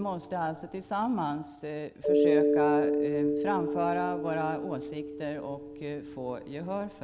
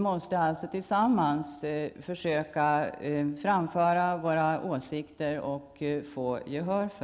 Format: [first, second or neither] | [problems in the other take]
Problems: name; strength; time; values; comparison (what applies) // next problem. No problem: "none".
second | background sound (Mallet percussion); 3 dB above the speech